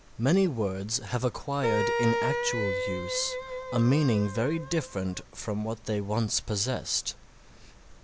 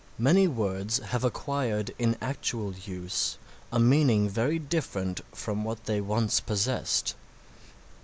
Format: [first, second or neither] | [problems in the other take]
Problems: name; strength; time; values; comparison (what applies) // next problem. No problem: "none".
second | background sound (Wind instrument, woodwind instrument); 3 dB below the speech